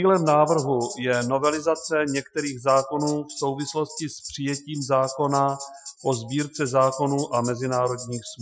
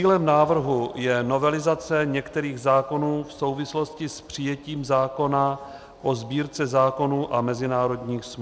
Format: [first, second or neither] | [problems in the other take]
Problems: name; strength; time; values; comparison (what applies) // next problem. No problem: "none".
second | noise reduction (classical method Wiener filter)